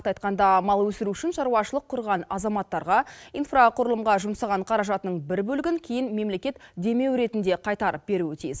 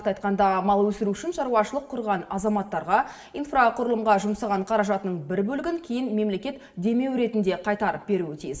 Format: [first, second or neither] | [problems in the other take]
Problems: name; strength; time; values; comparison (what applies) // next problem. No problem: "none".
first | room echo; dies away in 0.7 s